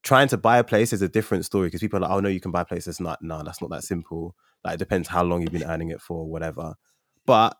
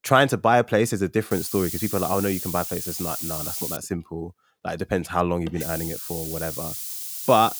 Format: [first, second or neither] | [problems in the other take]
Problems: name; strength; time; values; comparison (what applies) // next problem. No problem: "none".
first | hiss; loud; from 1.5 to 4 s and from 5.5 s on; 5 dB below the speech